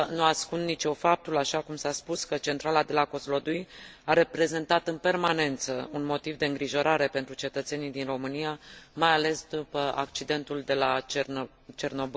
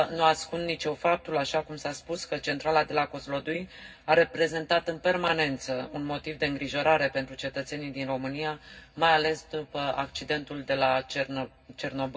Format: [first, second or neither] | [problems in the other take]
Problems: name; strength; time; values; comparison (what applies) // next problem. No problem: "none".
first | room echo; dies away in 0.4 s